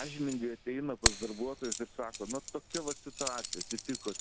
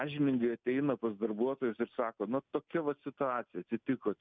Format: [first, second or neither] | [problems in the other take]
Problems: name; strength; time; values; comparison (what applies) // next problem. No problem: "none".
second | background sound (Keys jangling); as loud as the speech